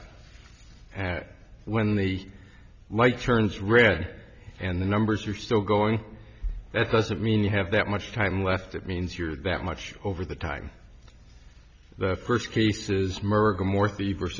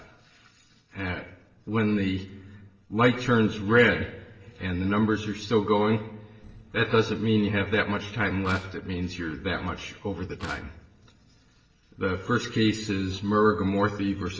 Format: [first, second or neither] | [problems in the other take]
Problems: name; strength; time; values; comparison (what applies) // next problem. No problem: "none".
first | noise reduction (neural separator model SepFormer DNS4)